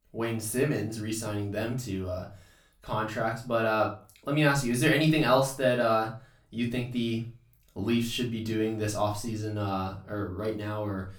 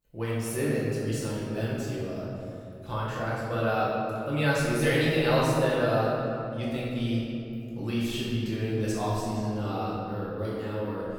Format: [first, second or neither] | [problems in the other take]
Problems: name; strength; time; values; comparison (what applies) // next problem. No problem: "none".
first | room echo; strong; dies away in 2.6 s; slight in the first // off-mic speech; far; far in the first